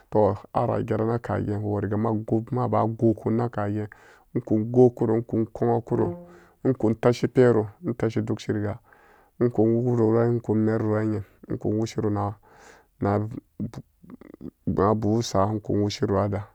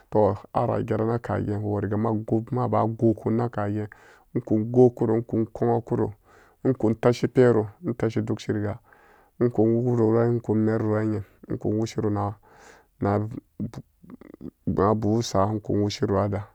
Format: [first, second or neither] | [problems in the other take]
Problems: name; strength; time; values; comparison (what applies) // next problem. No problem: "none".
second | background sound (Brass instrument); 12 dB below the speech